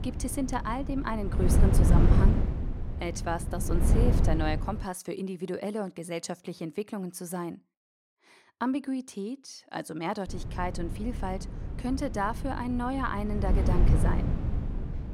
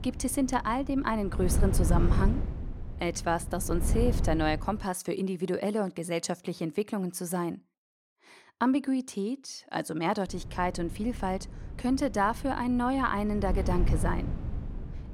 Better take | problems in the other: second | wind noise on the microphone; heavy; until 5 s and from 10 s on; 5 dB below the speech; occasional gusts in the second

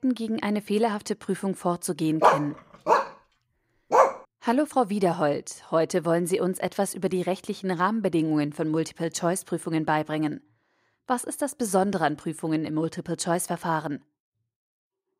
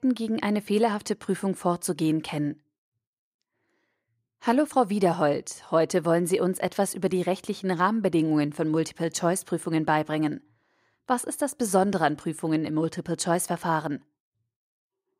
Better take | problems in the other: second | dog barking; loud; from 2 to 4 s; peak 6 dB above the speech

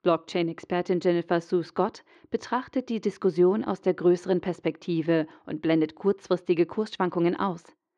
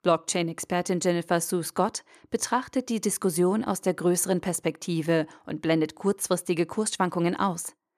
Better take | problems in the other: second | muffled; slightly; fading above 4 kHz

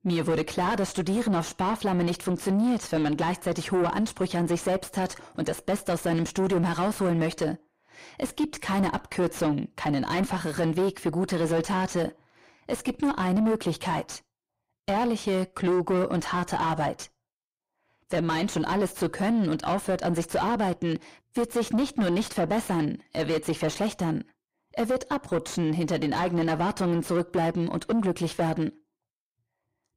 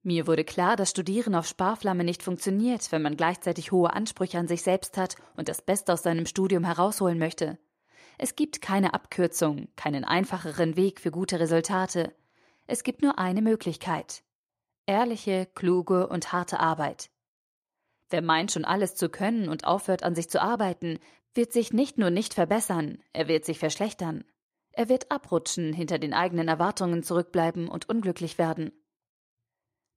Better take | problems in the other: second | distortion; heavy; 6 dB below the speech

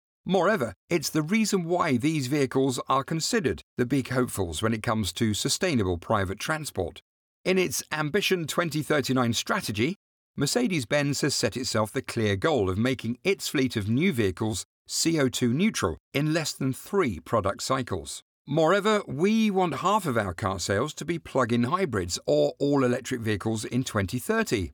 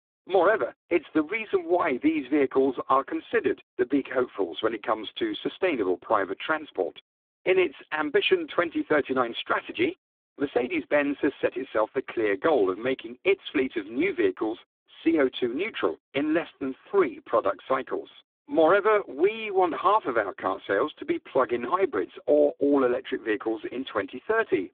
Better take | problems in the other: first | phone-call audio; poor line; nothing above 3.5 kHz

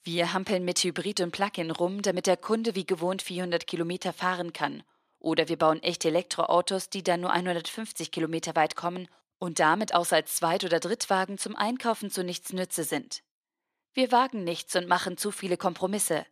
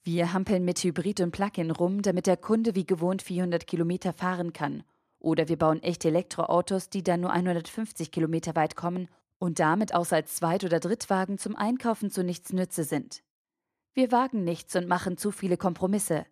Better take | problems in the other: second | thin; very slightly; fading below 1 kHz

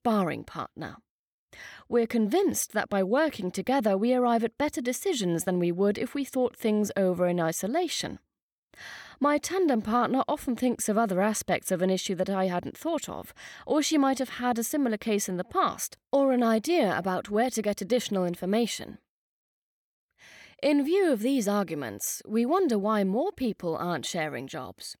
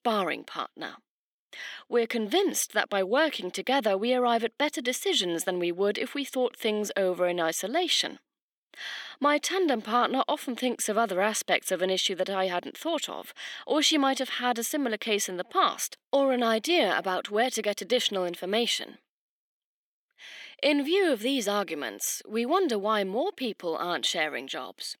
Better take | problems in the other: first | thin; very slightly; fading below 250 Hz

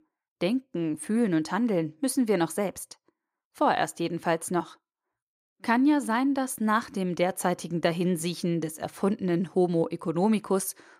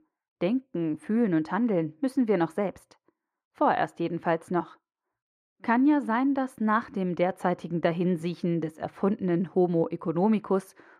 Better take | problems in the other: first | muffled; slightly; fading above 4 kHz

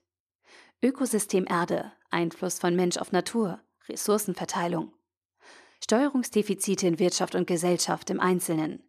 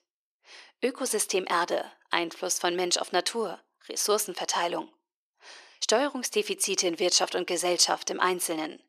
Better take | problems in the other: first | thin; somewhat; fading below 500 Hz

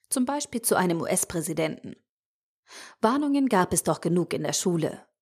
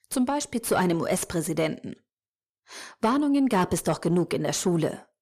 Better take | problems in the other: first | distortion; slight; 10 dB below the speech

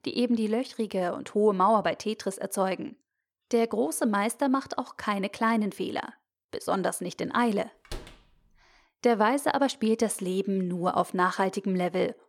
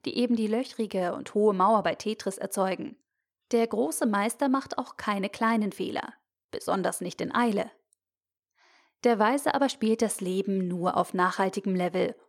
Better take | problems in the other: second | door banging; faint; at 8 s; peak 15 dB below the speech

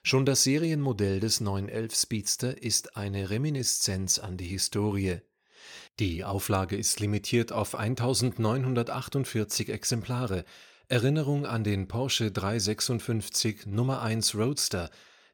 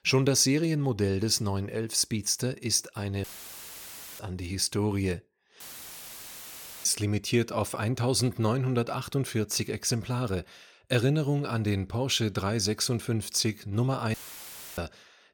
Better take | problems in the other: first | audio cutting out; filled with static; at 3 s for 1 s, at 5.5 s for 1.5 s and at 14 s for 0.5 s

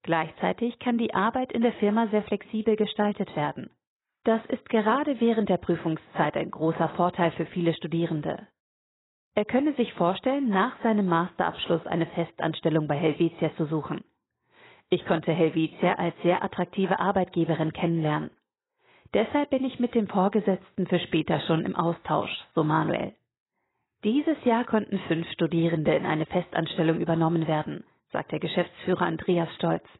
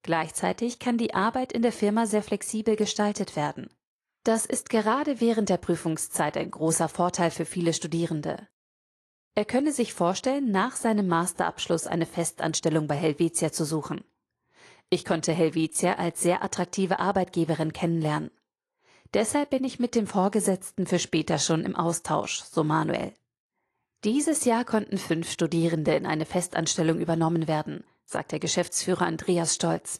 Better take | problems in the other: second | garbled, watery; badly; nothing above 4 kHz; slightly in the second

